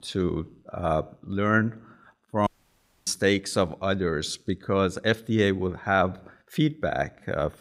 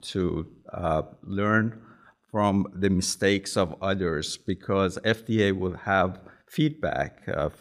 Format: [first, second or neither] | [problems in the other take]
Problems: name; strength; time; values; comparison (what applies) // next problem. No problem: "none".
second | audio cutting out; at 2.5 s for 0.5 s